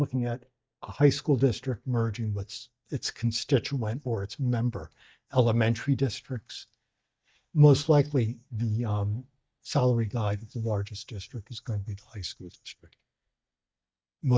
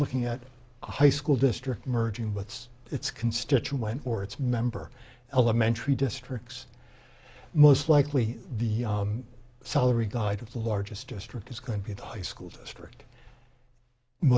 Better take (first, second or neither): second